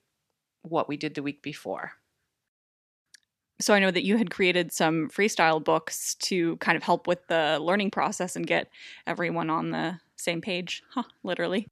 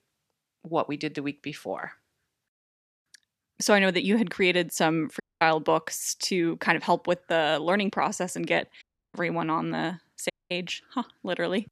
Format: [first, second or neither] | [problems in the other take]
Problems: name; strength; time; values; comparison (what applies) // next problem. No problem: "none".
first | audio cutting out; at 5 s, at 9 s and at 10 s